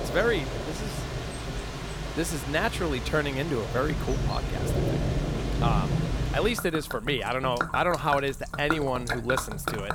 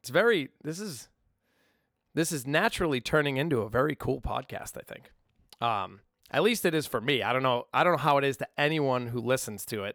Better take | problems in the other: second | rain or running water; loud; throughout; 3 dB below the speech

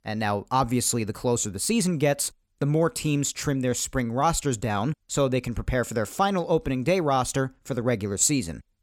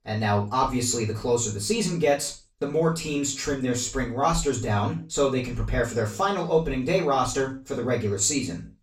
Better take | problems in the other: first | room echo; slight; dies away in 0.3 s // off-mic speech; far

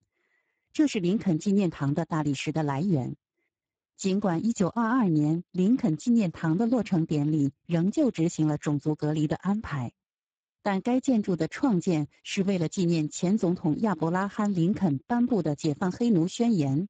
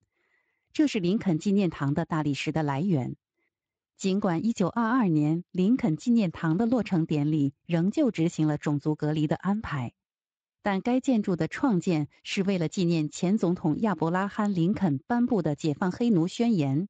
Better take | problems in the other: second | garbled, watery; badly; nothing above 7.5 kHz; slightly in the second

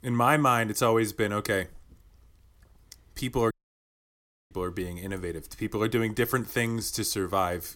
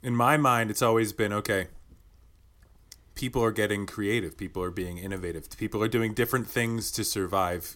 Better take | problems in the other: second | audio cutting out; at 3.5 s for 1 s

